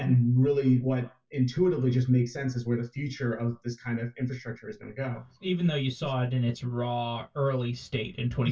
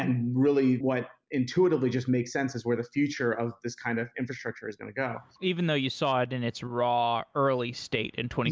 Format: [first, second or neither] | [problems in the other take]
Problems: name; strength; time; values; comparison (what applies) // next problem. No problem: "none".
second | room echo; dies away in 0.1 s